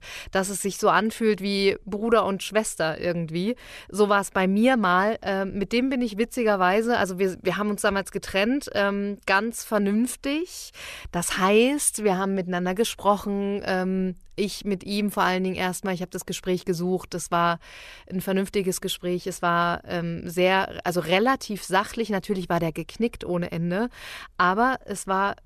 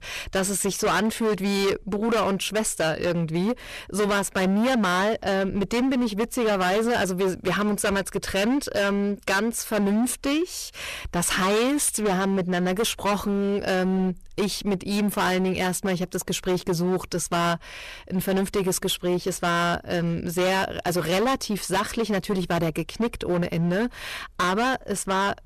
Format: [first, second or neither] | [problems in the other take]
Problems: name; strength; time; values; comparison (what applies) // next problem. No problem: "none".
first | distortion; heavy; 20% of the sound clipped